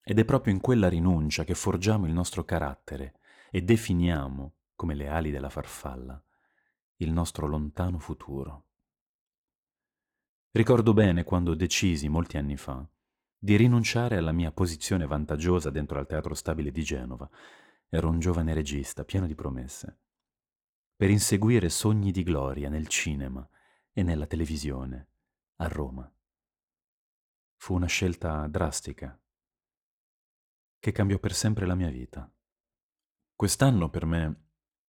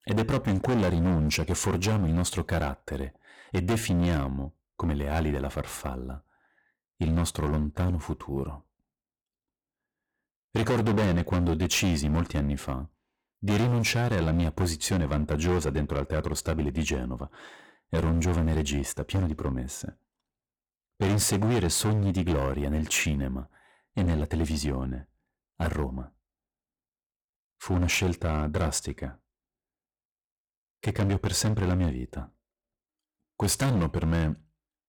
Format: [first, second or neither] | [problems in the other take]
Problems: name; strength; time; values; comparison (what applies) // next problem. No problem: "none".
first | distortion; heavy; 13% of the sound clipped